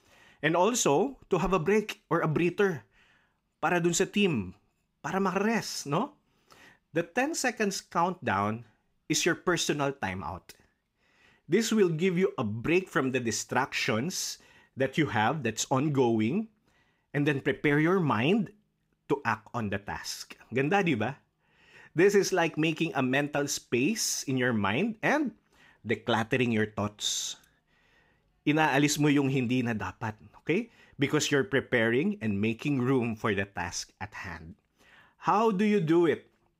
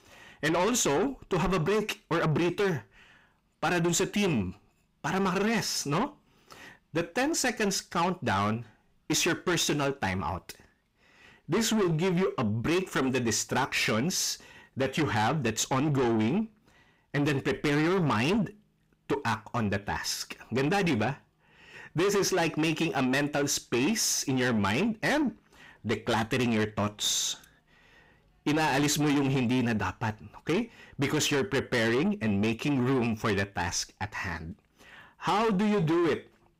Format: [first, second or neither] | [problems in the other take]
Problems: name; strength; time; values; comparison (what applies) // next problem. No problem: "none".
first | distortion; heavy; 7 dB below the speech